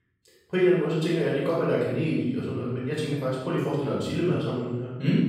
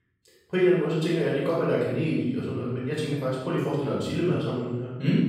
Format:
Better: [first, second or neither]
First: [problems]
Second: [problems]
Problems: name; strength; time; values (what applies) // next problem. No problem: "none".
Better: neither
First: room echo; strong; dies away in 1 s // off-mic speech; far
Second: room echo; strong; dies away in 1 s // off-mic speech; far